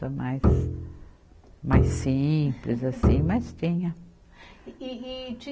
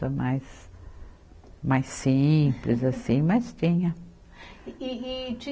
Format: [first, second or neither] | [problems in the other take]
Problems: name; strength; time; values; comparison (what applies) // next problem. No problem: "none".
second | background sound (Bowed string instrument); 2 dB above the speech